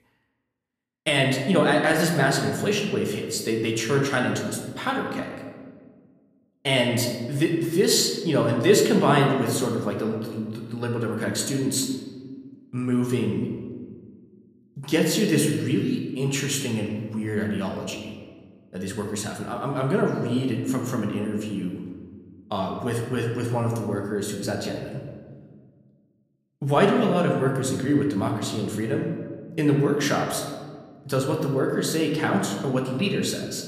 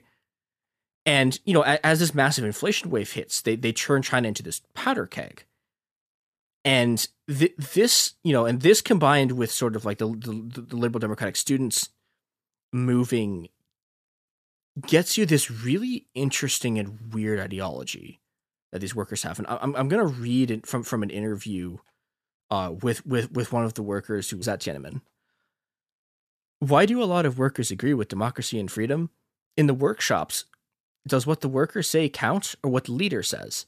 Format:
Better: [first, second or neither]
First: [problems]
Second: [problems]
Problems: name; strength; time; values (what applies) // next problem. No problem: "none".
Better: second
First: room echo; slight; dies away in 1.4 s // off-mic speech; somewhat distant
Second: none